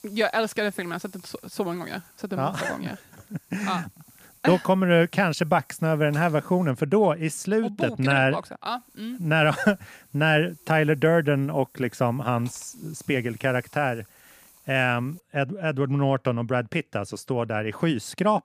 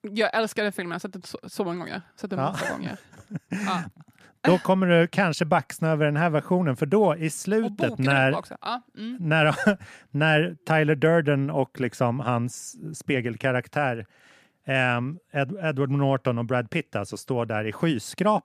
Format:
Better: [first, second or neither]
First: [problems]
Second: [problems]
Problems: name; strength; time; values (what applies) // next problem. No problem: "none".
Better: second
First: hiss; faint; until 6.5 s and from 8.5 to 15 s; 25 dB below the speech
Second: none